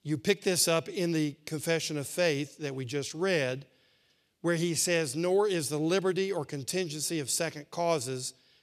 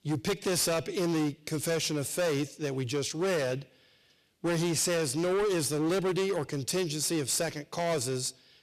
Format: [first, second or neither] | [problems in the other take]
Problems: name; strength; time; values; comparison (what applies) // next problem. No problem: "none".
first | distortion; heavy; 19% of the sound clipped